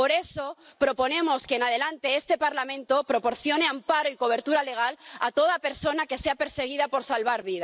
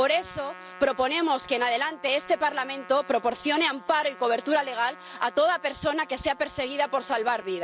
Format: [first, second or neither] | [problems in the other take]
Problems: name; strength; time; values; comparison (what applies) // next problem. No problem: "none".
first | background sound (Trumpet); 19 dB below the speech